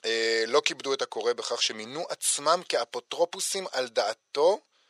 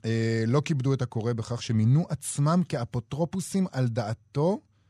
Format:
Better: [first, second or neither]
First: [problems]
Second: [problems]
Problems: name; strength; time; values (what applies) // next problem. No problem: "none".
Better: second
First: thin; very; fading below 450 Hz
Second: none